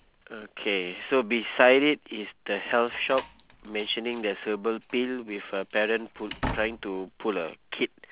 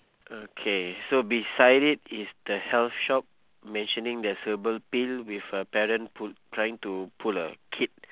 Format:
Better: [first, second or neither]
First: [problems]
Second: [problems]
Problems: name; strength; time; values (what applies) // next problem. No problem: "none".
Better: second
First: background sound (Slam); 15 dB below the speech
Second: none